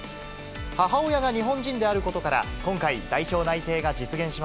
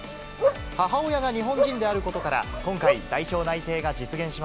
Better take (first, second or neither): first